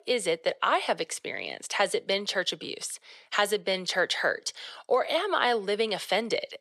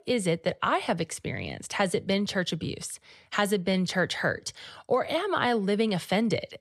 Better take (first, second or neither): second